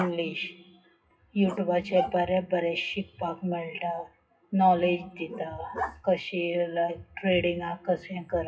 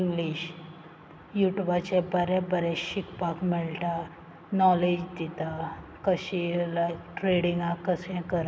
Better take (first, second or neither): second